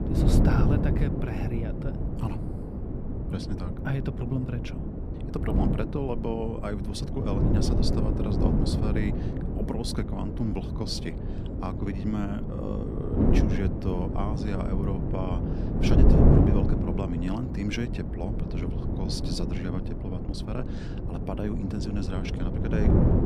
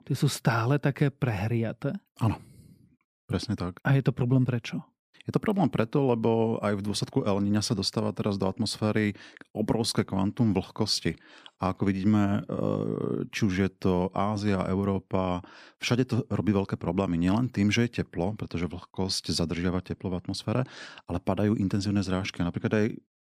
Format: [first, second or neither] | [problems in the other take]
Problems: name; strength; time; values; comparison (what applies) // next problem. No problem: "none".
second | wind noise on the microphone; heavy; 1 dB above the speech